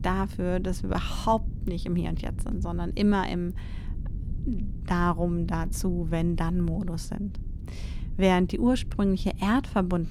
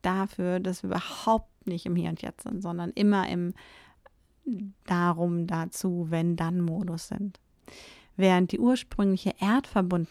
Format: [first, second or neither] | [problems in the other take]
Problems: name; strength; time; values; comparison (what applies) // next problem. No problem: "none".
second | low rumble; noticeable; throughout; 20 dB below the speech